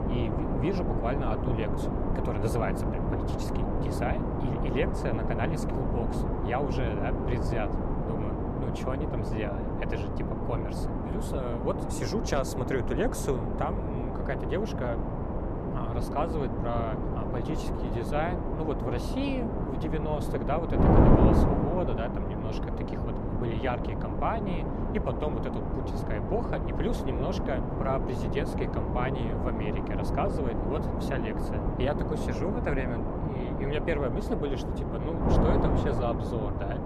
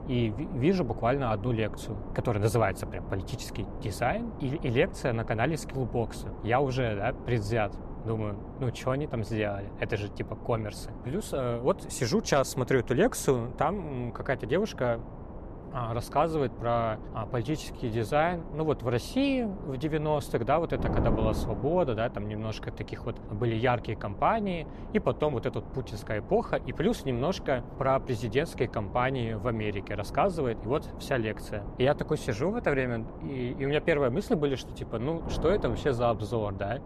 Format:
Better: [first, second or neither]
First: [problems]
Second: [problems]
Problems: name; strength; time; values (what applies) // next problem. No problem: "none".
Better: second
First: wind noise on the microphone; heavy; as loud as the speech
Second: wind noise on the microphone; occasional gusts; 15 dB below the speech